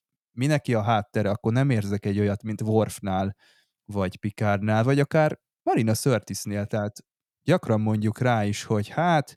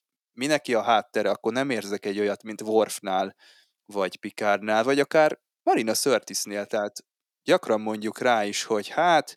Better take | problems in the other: first | thin; somewhat; fading below 300 Hz

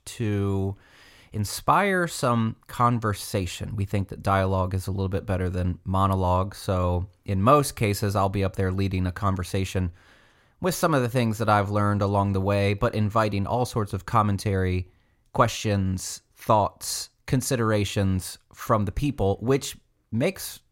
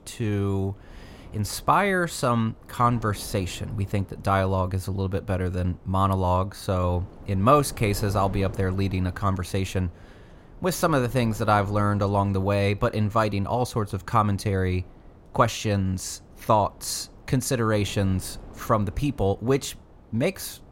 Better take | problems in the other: first | wind noise on the microphone; occasional gusts; 25 dB below the speech

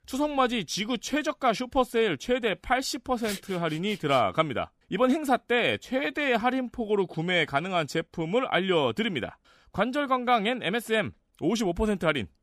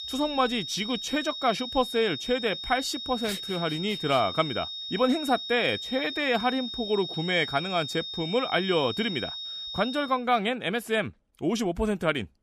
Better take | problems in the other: first | high-pitched whine; loud; until 10 s; 3.5 kHz, 6 dB below the speech

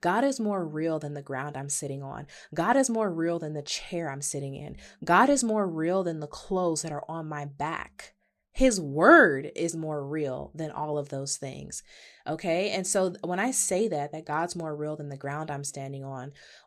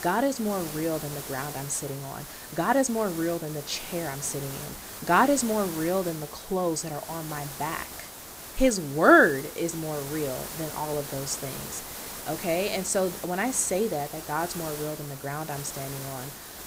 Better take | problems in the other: first | hiss; loud; throughout; 10 dB below the speech

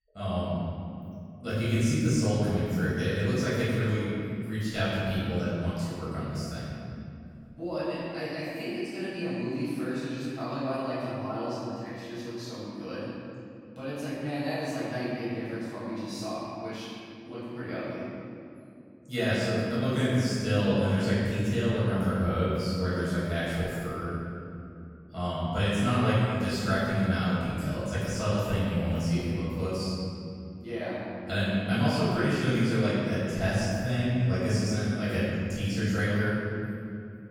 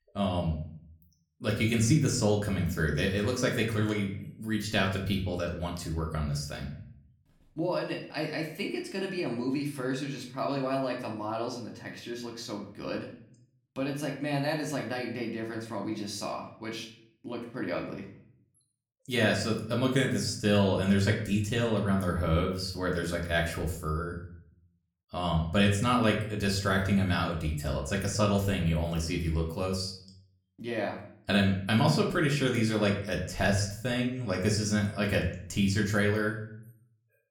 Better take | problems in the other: second | room echo; strong; dies away in 2.7 s; slight in the second // off-mic speech; far; somewhat distant in the second

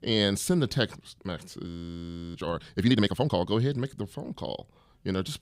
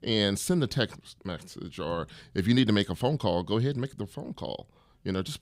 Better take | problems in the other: second | audio freezing; at 1.5 s for 0.5 s

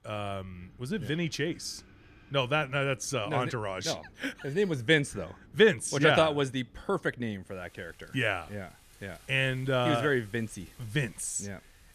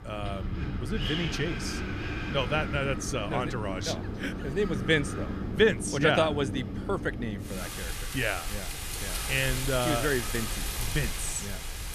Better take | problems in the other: first | wind in the background; loud; throughout; 4 dB below the speech; faint in the first

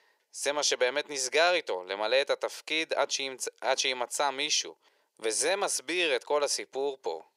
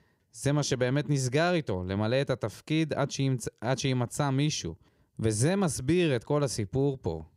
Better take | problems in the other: second | thin; very; fading below 500 Hz

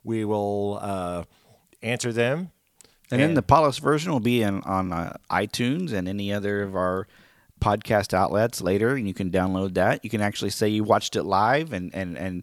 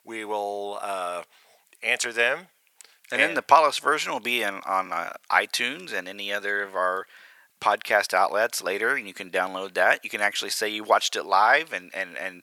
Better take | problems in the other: first | thin; very; fading below 700 Hz

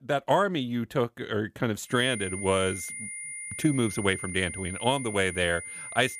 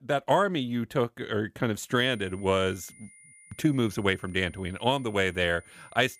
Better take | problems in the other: second | high-pitched whine; loud; from 2 s on; 2 kHz, 8 dB below the speech; faint in the second

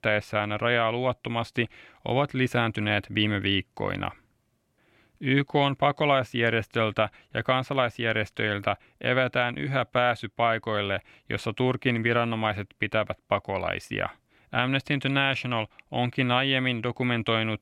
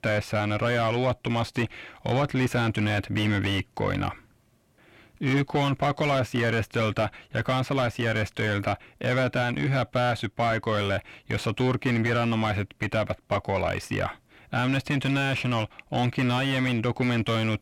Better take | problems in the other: first | distortion; heavy; 6 dB below the speech

